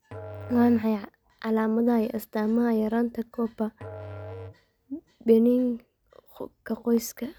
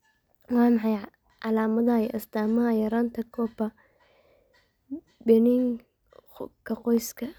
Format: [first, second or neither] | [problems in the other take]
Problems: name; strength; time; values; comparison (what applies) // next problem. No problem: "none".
second | background sound (Musical instrument); 17 dB below the speech